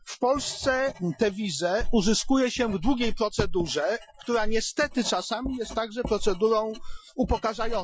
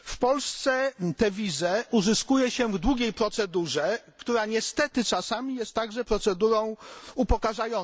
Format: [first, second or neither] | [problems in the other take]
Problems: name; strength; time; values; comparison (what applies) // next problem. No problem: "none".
second | noise reduction (classical method Wiener filter)